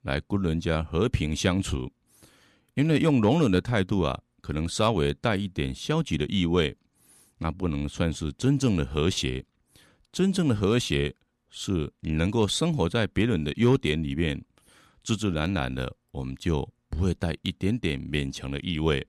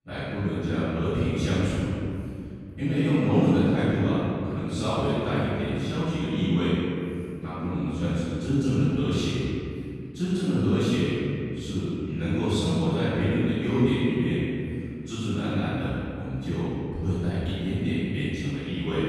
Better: first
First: none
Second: off-mic speech; far // room echo; strong; dies away in 2.6 s

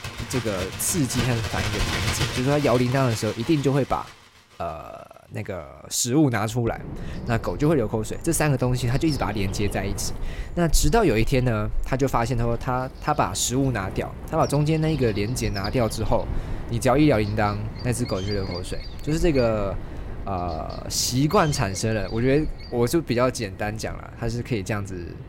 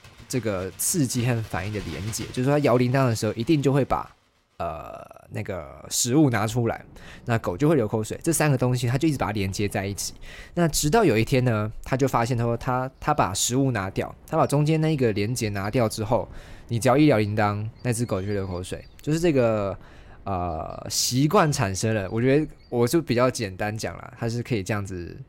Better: second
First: animal sounds; loud; throughout; 10 dB below the speech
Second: animal sounds; faint; throughout; 25 dB below the speech

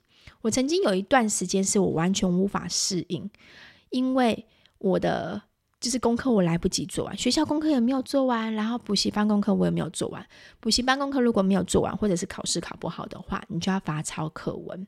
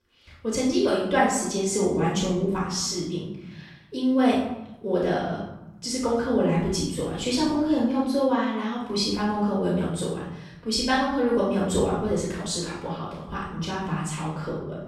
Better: first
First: none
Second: off-mic speech; far // room echo; noticeable; dies away in 0.9 s

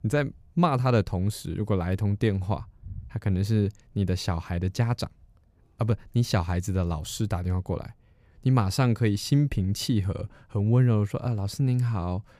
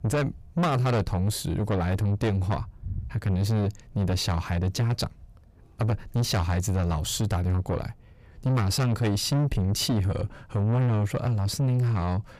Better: first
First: none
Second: distortion; heavy; 7 dB below the speech

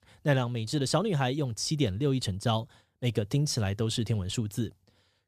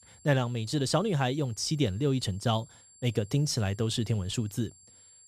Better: first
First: none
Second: high-pitched whine; faint; throughout; 7.5 kHz, 25 dB below the speech

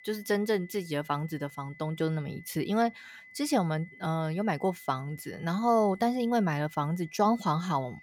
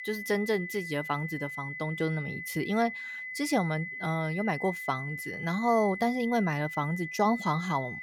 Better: first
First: high-pitched whine; faint; throughout; 2 kHz, 20 dB below the speech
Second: high-pitched whine; loud; throughout; 2 kHz, 7 dB below the speech

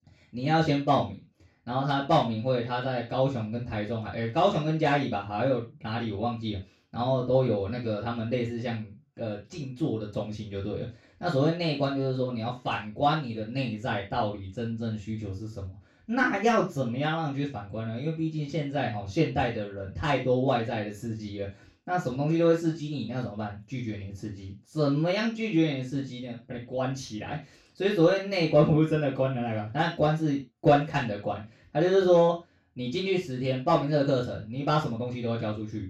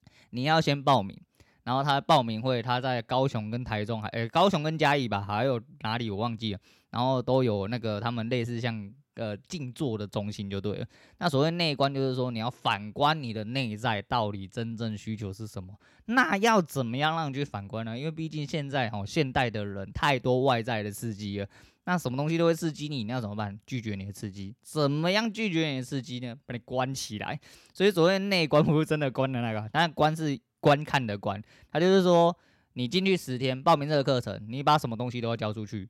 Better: second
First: room echo; slight; dies away in 0.3 s // off-mic speech; far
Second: none

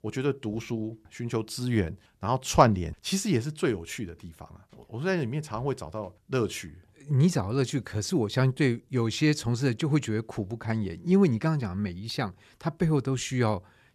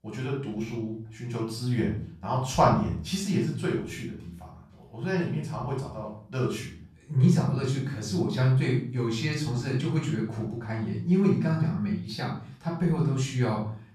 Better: first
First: none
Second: off-mic speech; far // room echo; noticeable; dies away in 0.4 s

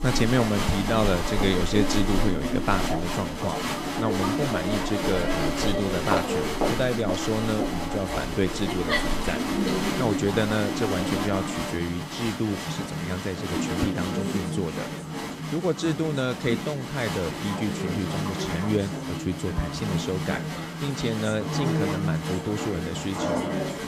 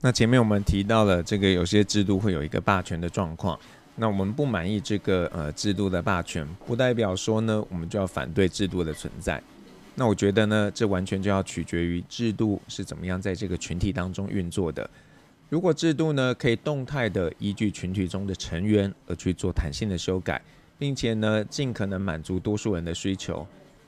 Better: second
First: crowd noise; loud; throughout; as loud as the speech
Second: crowd noise; faint; throughout; 25 dB below the speech

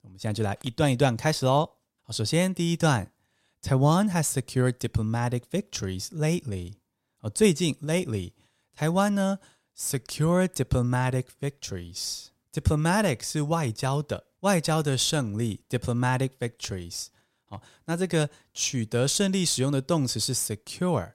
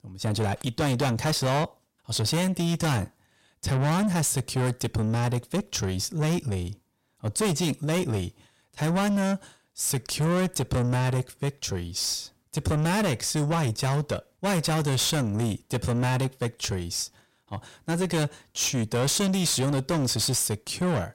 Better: first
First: none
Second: distortion; heavy; 7 dB below the speech

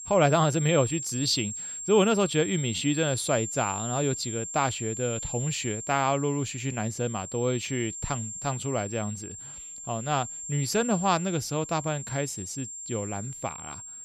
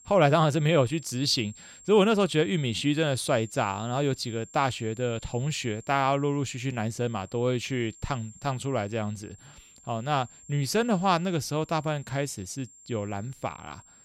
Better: second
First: high-pitched whine; loud; throughout; 7.5 kHz, 7 dB below the speech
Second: high-pitched whine; faint; throughout; 7.5 kHz, 20 dB below the speech

